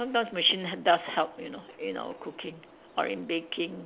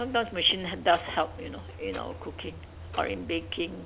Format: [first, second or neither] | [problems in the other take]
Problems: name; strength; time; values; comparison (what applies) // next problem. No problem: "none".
first | background sound (Clock); 14 dB below the speech